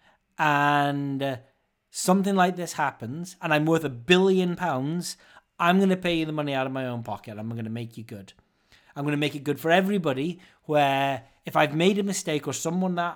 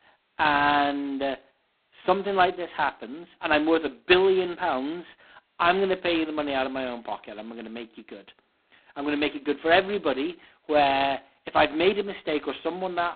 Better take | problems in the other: first | phone-call audio; poor line; nothing above 4 kHz

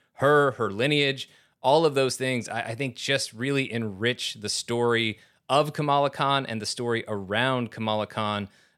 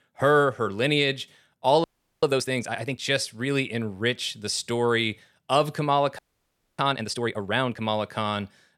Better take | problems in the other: first | audio freezing; at 2 s and at 6 s for 0.5 s

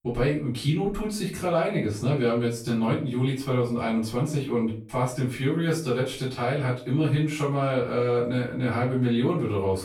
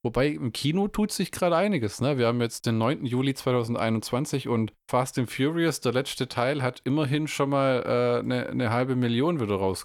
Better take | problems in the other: second | off-mic speech; far // room echo; slight; dies away in 0.3 s

